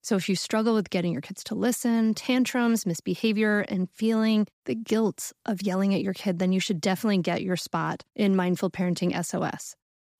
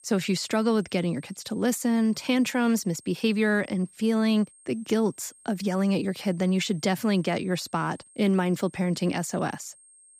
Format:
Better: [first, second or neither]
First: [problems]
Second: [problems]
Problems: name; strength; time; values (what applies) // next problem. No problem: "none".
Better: first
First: none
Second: high-pitched whine; faint; throughout; 8.5 kHz, 25 dB below the speech